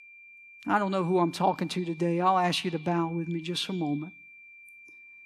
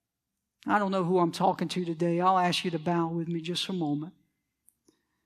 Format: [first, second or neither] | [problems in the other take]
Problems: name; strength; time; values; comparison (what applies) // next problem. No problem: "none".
second | high-pitched whine; faint; throughout; 2.5 kHz, 20 dB below the speech